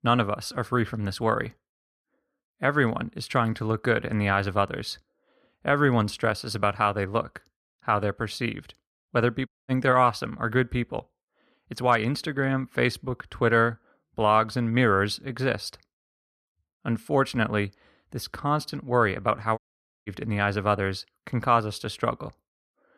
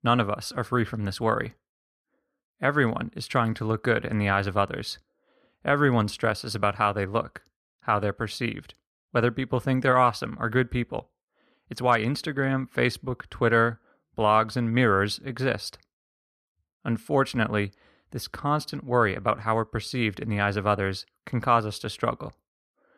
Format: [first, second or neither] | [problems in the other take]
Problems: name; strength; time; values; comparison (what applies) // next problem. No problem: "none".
second | audio cutting out; at 9.5 s and at 20 s